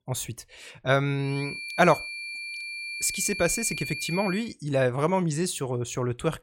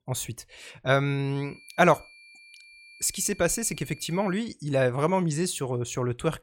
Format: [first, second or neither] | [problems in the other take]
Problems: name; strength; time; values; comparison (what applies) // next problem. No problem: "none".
second | high-pitched whine; loud; from 1.5 to 4.5 s; 2.5 kHz, 7 dB below the speech; faint in the second